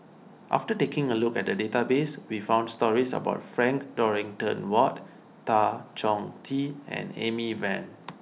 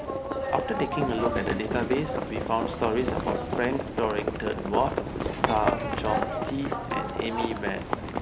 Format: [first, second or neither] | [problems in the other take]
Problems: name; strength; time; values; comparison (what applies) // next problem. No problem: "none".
first | background sound (Livestock, farm animals, working animals); as loud as the speech